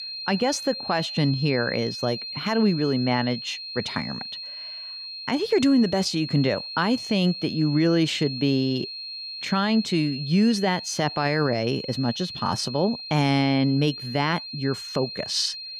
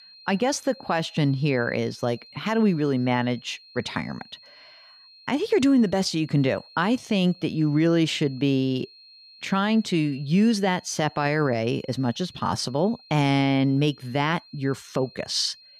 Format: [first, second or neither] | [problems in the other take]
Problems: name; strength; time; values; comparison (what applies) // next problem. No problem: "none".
second | high-pitched whine; loud; throughout; 4 kHz, 9 dB below the speech; faint in the second